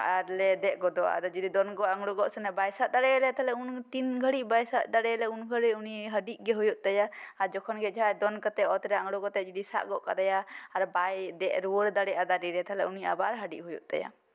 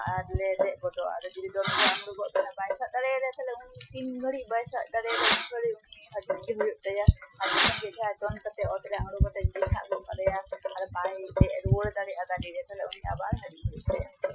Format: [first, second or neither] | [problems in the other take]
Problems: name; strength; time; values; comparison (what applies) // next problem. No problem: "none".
first | noise reduction (classical method Wiener filter)